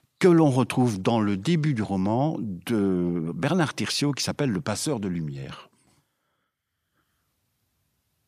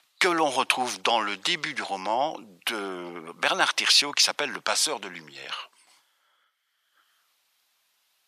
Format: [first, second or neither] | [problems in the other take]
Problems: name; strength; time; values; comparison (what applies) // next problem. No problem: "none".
first | thin; very; fading below 850 Hz